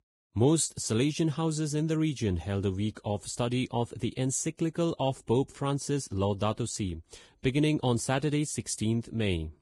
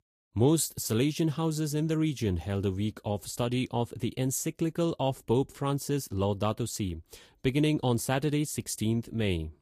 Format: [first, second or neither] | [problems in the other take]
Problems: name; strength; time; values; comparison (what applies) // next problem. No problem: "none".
second | garbled, watery; badly; nothing above 10.5 kHz; slightly in the second